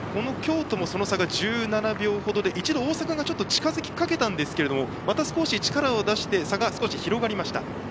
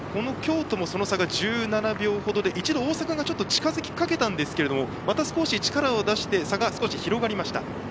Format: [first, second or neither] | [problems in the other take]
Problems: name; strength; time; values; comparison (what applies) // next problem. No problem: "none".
second | background sound (Thunder / Rain); 18 dB below the speech